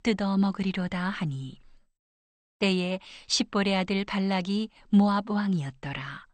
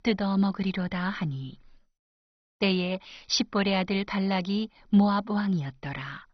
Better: first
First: garbled, watery; slightly; nothing above 8.5 kHz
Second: garbled, watery; badly; nothing above 6 kHz

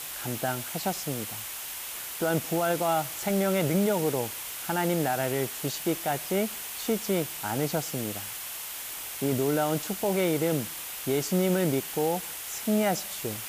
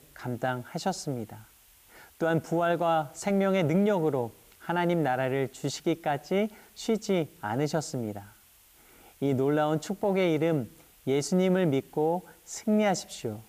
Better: second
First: hiss; loud; throughout; 5 dB below the speech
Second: hiss; faint; throughout; 25 dB below the speech

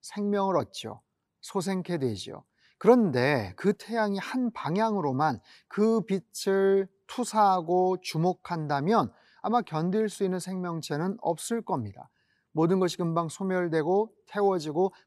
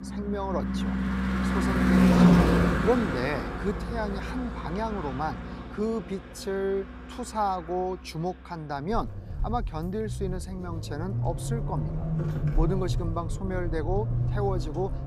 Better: first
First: none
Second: traffic noise; very loud; throughout; 4 dB above the speech

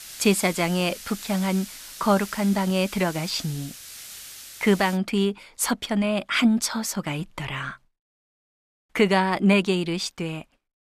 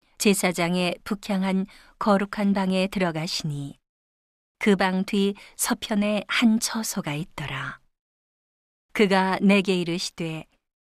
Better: second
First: hiss; noticeable; until 5 s; 15 dB below the speech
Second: none

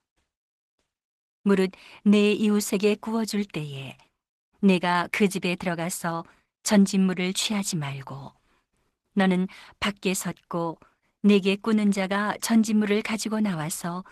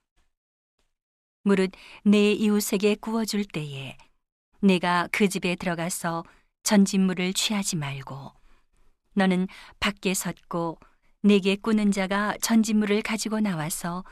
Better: second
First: garbled, watery; slightly; nothing above 13.5 kHz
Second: none

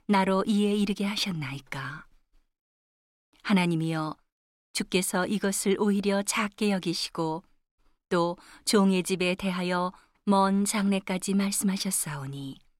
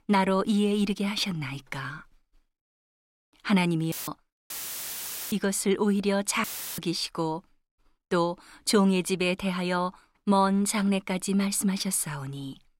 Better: first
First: none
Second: audio cutting out; filled with static; at 4 s, at 4.5 s for 1 s and at 6.5 s

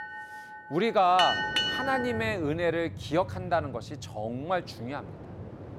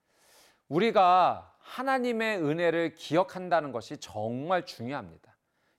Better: second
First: train or aircraft noise; loud; throughout; 4 dB below the speech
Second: none

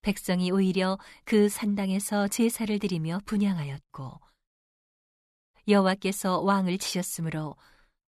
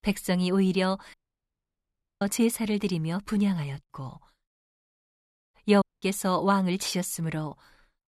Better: first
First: none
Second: audio cutting out; at 1 s for 1 s and at 6 s

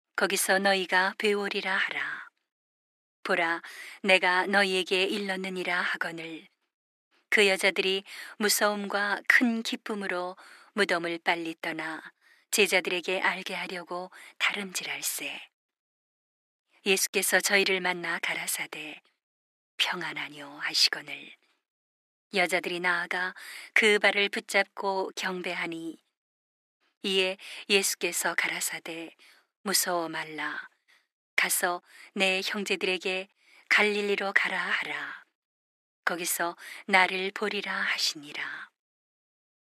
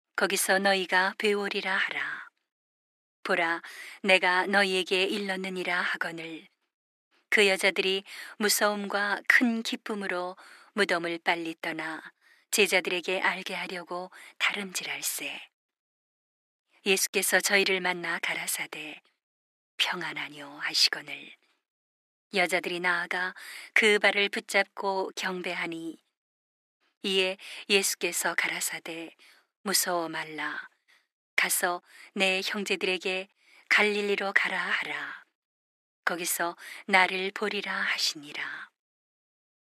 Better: neither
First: thin; very; fading below 350 Hz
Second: thin; very; fading below 350 Hz

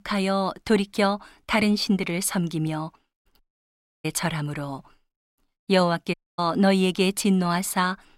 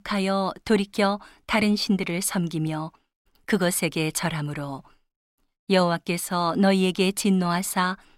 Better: second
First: audio cutting out; at 3.5 s for 0.5 s and at 6 s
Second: none

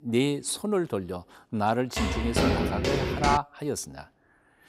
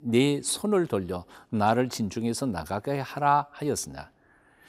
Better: second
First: footsteps; loud; from 2 to 3.5 s; peak 4 dB above the speech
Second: none

